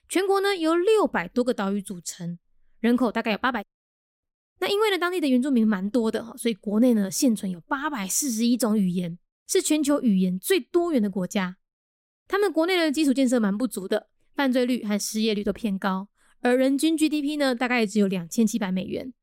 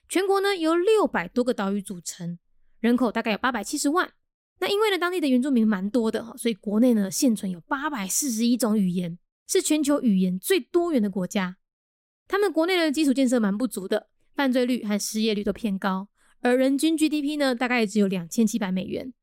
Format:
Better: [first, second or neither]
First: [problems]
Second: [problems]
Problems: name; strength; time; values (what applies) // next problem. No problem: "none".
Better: second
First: audio cutting out; at 3.5 s for 0.5 s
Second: none